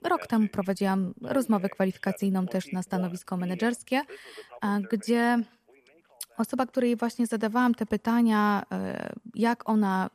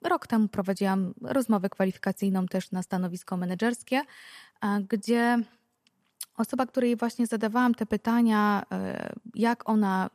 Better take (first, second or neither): second